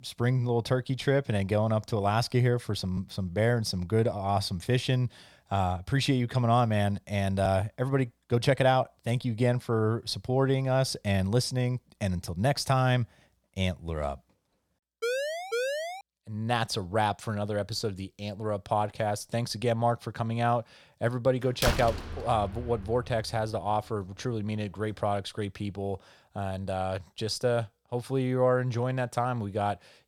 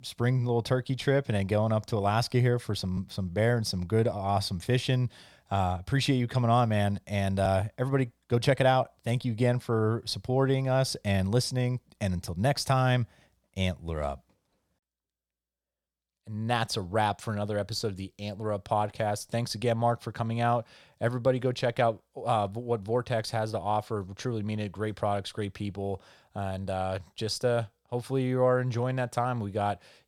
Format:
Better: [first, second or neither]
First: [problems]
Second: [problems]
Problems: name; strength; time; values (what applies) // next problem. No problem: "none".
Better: second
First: siren; noticeable; at 15 s; peak 2 dB below the speech // door banging; noticeable; from 22 to 23 s; peak level with the speech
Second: none